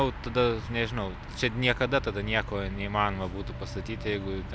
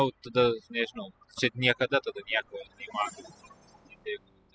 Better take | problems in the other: first | noise reduction (classical method spectral subtraction)

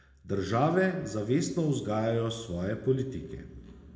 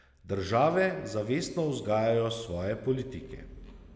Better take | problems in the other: second | room echo; dies away in 0.4 s

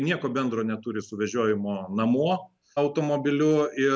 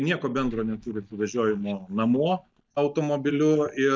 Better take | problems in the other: first | noise reduction (neural mask model DeepFilterNet 3)

